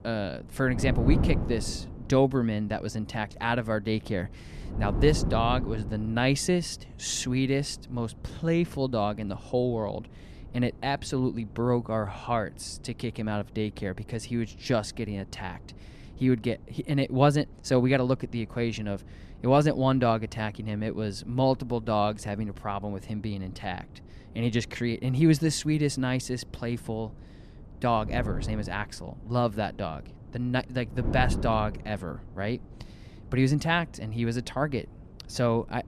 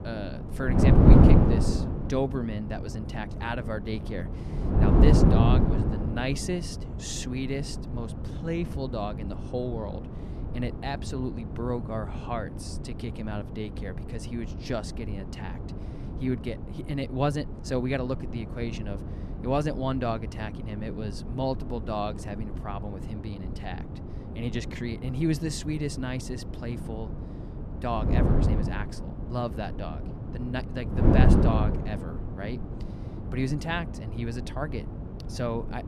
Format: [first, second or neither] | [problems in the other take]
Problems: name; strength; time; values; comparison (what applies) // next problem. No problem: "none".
first | wind noise on the microphone; heavy; 2 dB below the speech; occasional gusts in the first